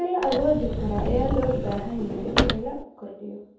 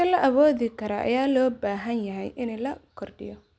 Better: second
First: background sound (Sliding door / Slam / Wood); as loud as the speech // room echo; dies away in 0.7 s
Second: none

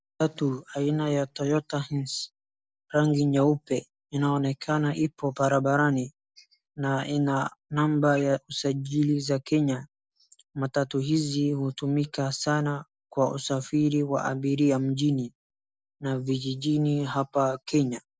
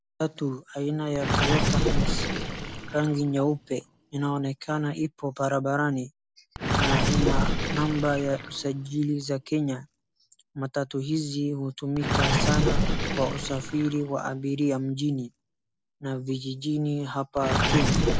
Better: first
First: none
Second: background sound (Gurgling); as loud as the speech

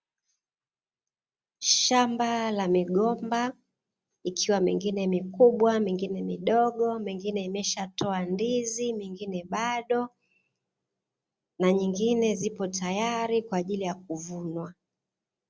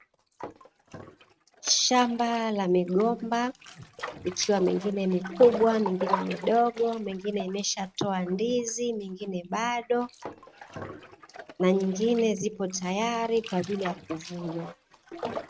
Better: first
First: none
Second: noise reduction (neural mask model RNNoise)

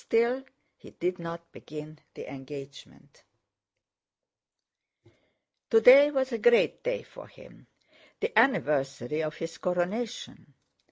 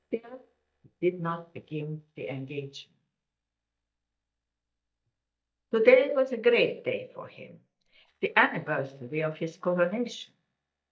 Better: first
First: none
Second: noise reduction (neural mask model DeepFilterNet 3)

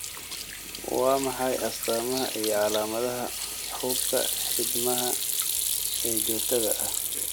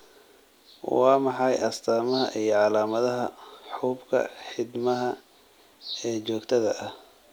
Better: second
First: background sound (Sink (filling or washing) / Hands); as loud as the speech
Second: none

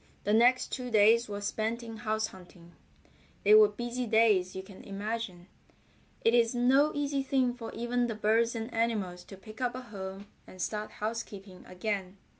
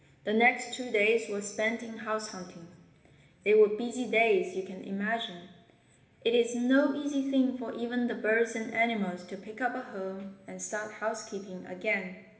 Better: first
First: none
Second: room echo; dies away in 1.1 s

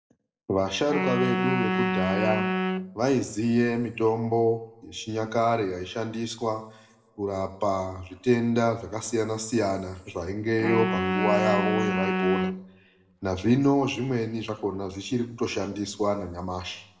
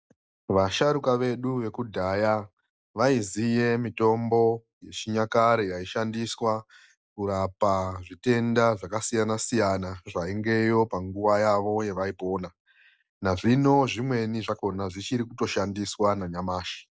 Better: second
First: background sound (Wind instrument, woodwind instrument); 1 dB below the speech // room echo; dies away in 1.2 s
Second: none

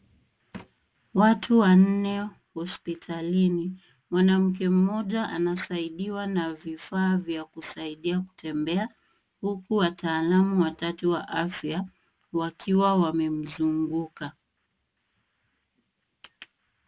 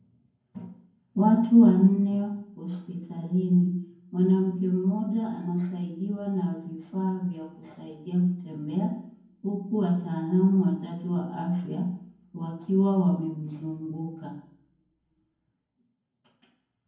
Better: first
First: none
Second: room echo; dies away in 0.9 s

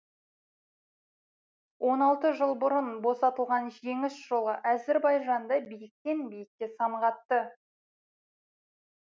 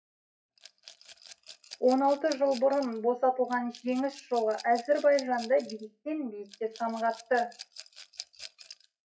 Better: first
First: none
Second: noise reduction (classical method WPE with log-MMSE)

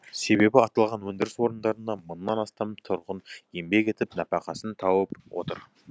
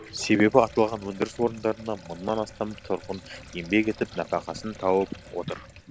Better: first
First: none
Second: background sound (Sink (filling or washing) + Boat, Water vehicle); 19 dB below the speech

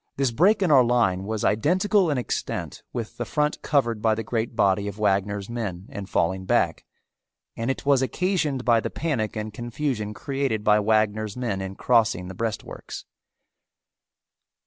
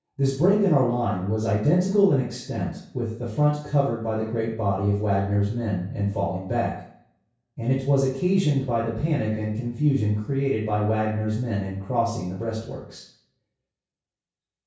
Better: first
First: none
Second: room echo; dies away in 0.6 s

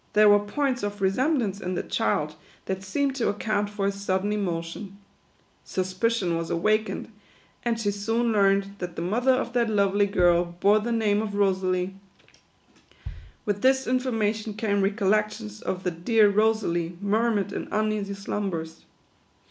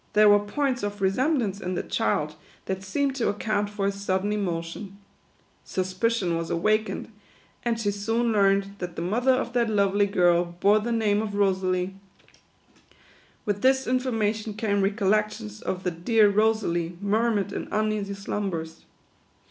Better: second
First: background sound (Bass drum); 18 dB below the speech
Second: none

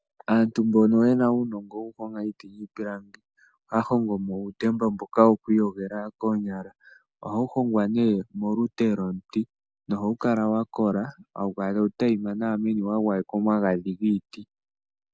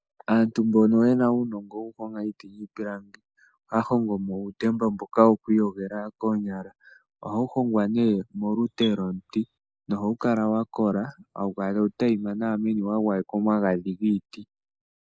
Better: first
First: none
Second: noise reduction (neural mask model Resemble Enhance denoiser)

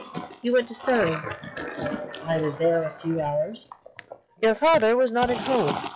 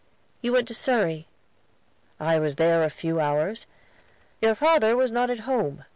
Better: second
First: noise reduction (classical method log-MMSE)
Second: none

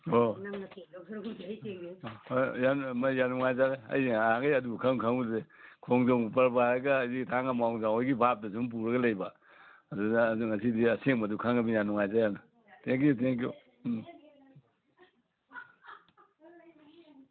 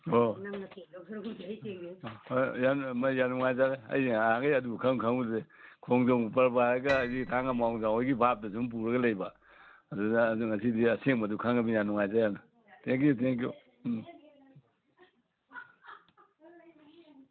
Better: first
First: none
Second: background sound (Piano); 16 dB below the speech

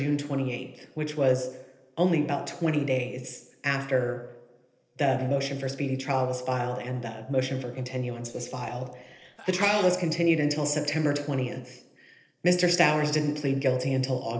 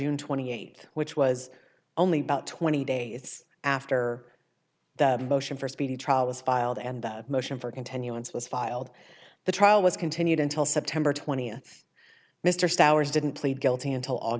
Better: second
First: noise reduction (neural separator model SepFormer DNS4)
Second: none

